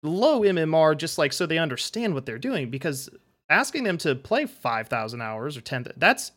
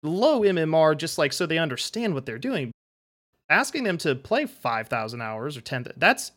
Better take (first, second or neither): first